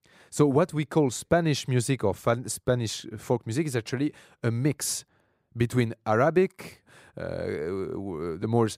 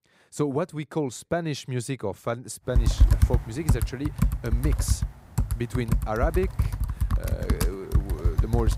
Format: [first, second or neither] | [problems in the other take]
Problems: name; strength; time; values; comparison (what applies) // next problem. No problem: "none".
first | household noises; very loud; from 2.5 s on; 4 dB above the speech